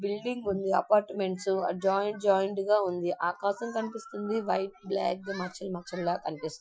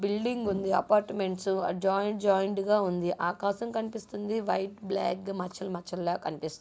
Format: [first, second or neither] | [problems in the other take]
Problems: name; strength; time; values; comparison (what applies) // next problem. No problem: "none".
second | noise reduction (classical method Wiener filter)